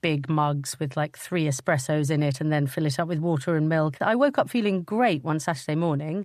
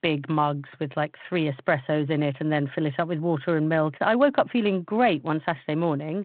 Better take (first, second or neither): first